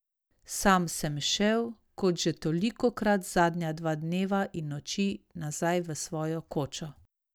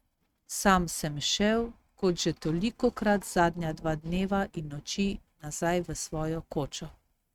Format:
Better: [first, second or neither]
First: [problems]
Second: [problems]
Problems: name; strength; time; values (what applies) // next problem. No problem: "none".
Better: first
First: none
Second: noise reduction (neural mask model RNNoise)